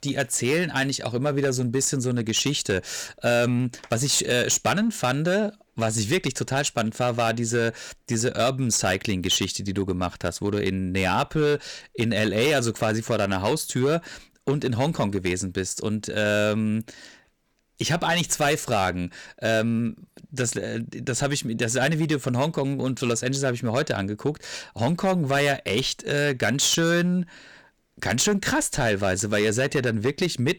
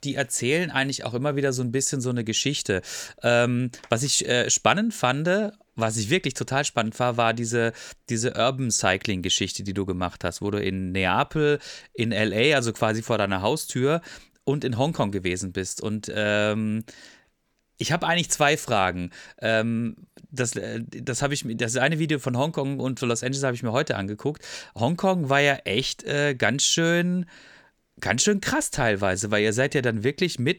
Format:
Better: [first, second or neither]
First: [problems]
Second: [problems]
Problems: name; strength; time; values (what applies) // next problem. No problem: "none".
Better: second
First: distortion; slight; 6% of the sound clipped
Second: none